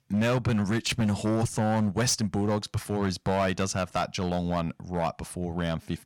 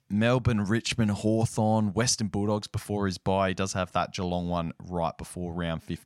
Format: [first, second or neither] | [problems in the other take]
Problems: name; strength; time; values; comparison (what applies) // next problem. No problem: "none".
second | distortion; slight; 10% of the sound clipped